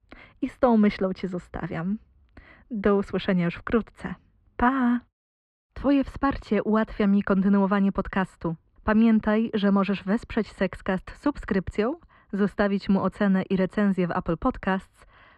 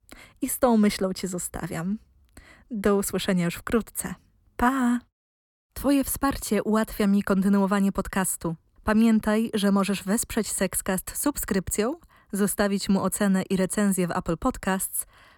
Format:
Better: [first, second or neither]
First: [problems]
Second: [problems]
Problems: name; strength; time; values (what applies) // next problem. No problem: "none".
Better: second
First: muffled; very; fading above 3 kHz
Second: none